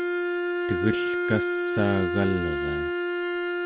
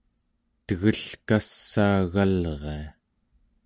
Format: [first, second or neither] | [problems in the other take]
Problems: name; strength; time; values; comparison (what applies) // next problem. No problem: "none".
second | background sound (Wind instrument, woodwind instrument); 3 dB above the speech